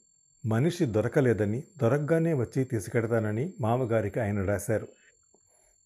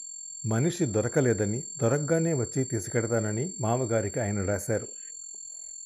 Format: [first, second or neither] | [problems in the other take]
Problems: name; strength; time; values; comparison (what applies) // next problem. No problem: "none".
first | high-pitched whine; loud; throughout; 7.5 kHz, 9 dB below the speech; faint in the first